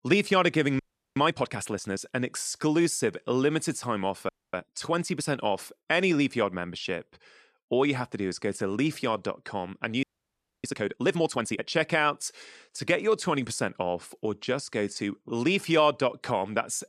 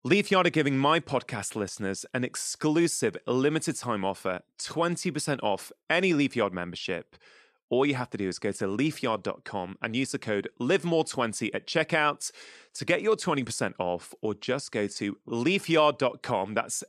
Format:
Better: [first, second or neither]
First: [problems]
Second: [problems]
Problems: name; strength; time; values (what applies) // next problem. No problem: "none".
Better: second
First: audio freezing; at 1 s, at 4.5 s and at 10 s for 0.5 s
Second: none